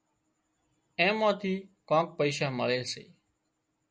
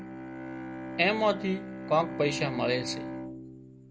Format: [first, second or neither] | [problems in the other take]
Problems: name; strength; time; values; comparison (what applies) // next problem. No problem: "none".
first | background sound (Bowed string instrument); 7 dB below the speech